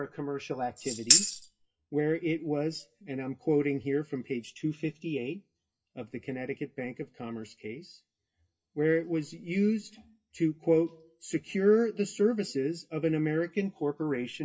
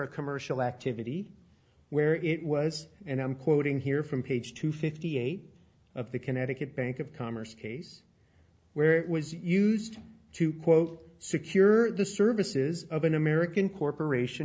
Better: second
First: noise reduction (classical method WPE with log-MMSE)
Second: none

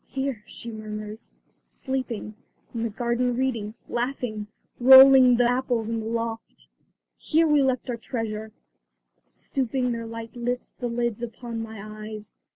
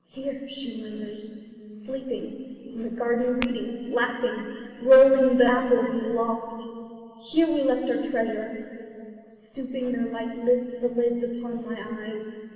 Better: first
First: none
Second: background sound (Tap / Glass); 16 dB below the speech // room echo; dies away in 2.9 s

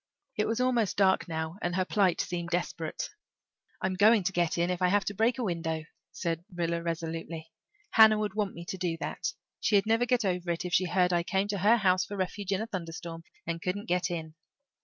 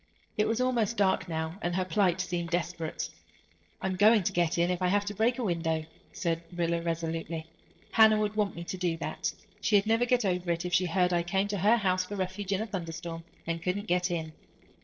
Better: first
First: none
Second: noise reduction (neural separator model SepFormer DNS4)

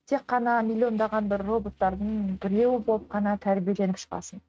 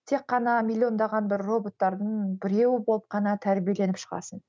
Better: second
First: noise reduction (neural mask model RNNoise)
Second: none

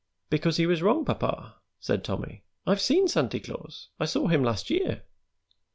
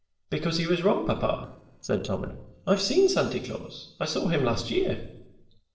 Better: first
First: none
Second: noise reduction (neural separator model SepFormer DNS4)

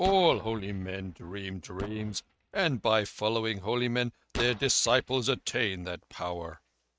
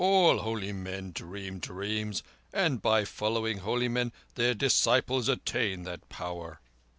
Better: second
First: noise reduction (neural mask model RNNoise)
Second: none

